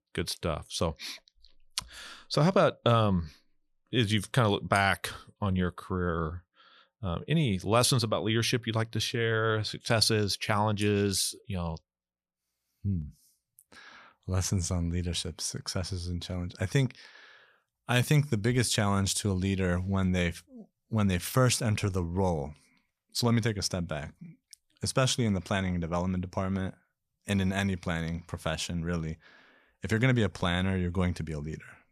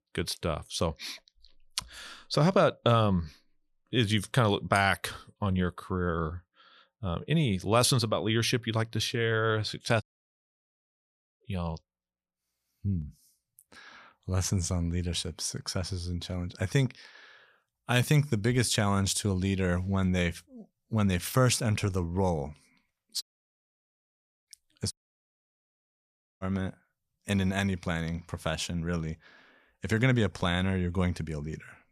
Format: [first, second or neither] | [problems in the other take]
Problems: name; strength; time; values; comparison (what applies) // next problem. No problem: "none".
first | audio cutting out; at 10 s for 1.5 s, at 23 s for 1 s and at 25 s for 1.5 s